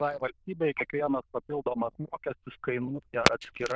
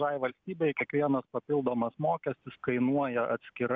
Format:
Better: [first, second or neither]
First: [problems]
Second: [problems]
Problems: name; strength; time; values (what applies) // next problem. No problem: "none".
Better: second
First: noise reduction (neural diffusion model UNIVERSE++)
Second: none